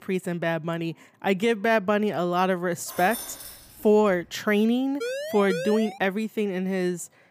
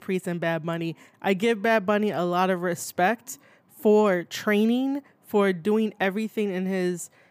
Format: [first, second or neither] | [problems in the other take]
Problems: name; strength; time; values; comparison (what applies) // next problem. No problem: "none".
second | jangling keys; noticeable; from 3 to 4 s; peak 9 dB below the speech // siren; noticeable; at 5 s; peak 6 dB below the speech